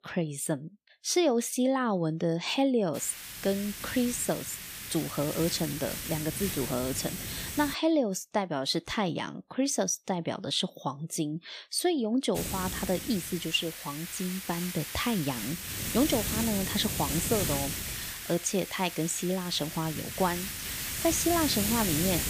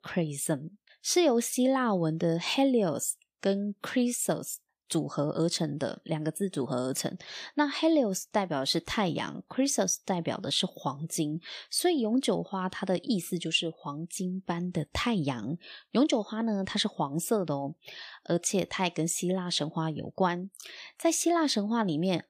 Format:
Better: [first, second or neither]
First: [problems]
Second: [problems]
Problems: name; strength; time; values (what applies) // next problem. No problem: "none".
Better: second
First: hiss; loud; from 3 to 7.5 s and from 12 s on; 4 dB below the speech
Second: none